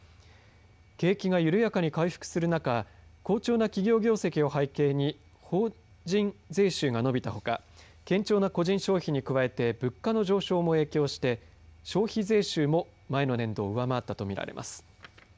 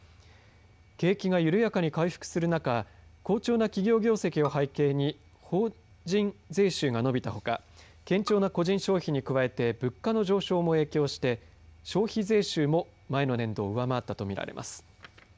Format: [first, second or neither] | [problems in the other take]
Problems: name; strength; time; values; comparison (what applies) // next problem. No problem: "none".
first | background sound (Bowed string instrument); 20 dB below the speech